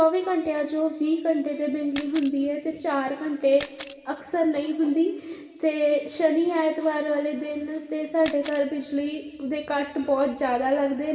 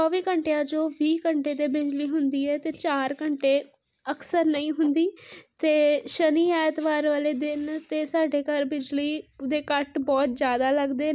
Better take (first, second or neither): second